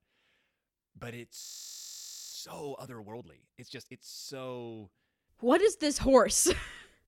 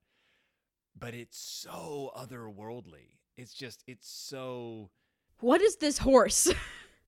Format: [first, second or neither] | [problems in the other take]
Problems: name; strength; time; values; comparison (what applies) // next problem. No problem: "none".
second | audio freezing; at 1.5 s for 1 s